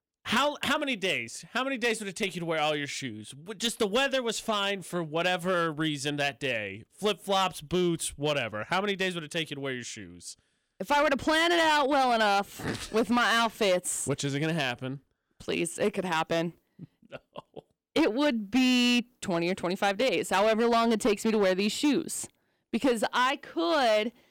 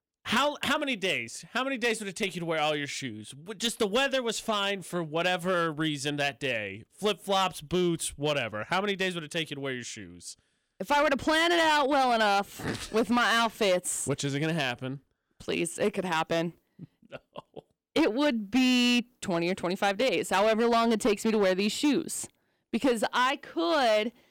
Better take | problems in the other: neither | distortion; slight; 6% of the sound clipped; the same in both

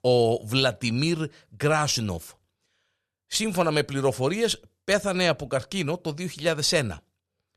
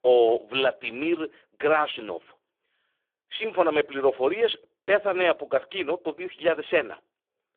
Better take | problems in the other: first | phone-call audio; poor line; nothing above 3.5 kHz

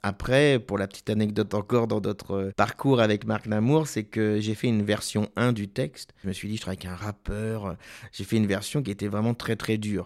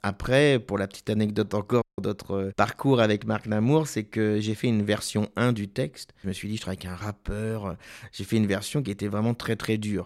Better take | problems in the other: first | audio cutting out; at 2 s

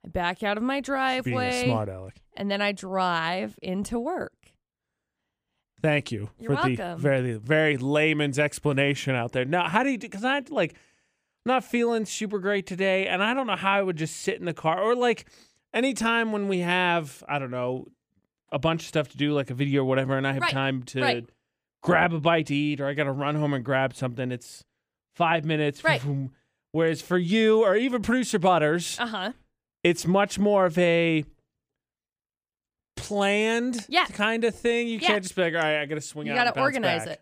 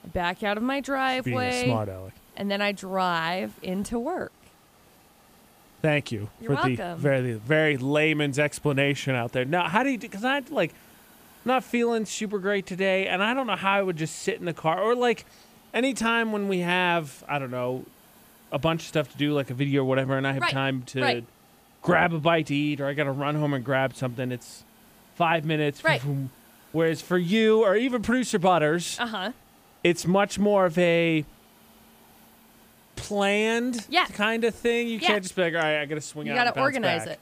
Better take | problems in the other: first | hiss; faint; throughout; 30 dB below the speech

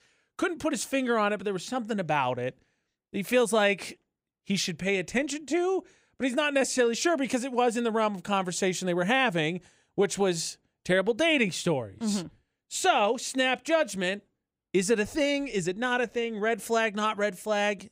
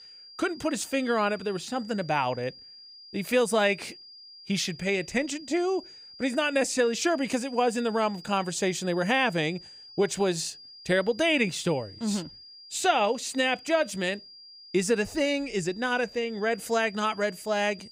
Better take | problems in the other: first | high-pitched whine; noticeable; throughout; 5 kHz, 20 dB below the speech

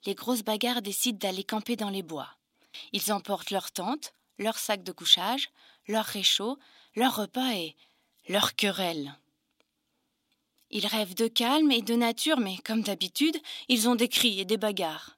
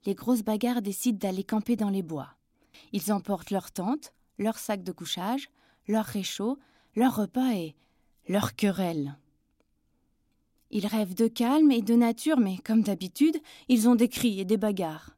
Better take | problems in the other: second | thin; very slightly; fading below 700 Hz

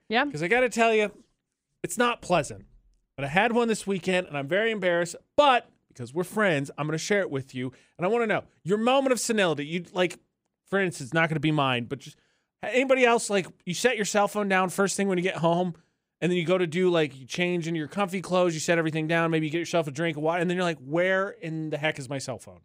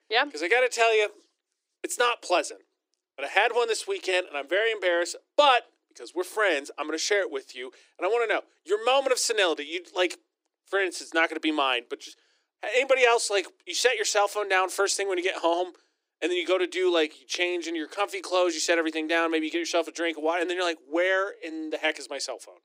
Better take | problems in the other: first | thin; very; fading below 300 Hz

